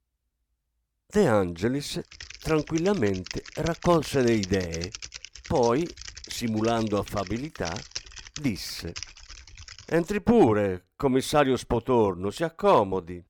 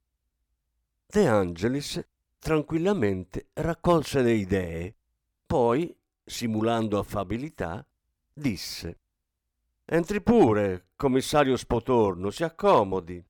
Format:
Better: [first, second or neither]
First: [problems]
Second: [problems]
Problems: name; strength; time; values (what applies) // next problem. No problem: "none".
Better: second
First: keyboard typing; noticeable; from 2 to 10 s; peak 10 dB below the speech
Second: none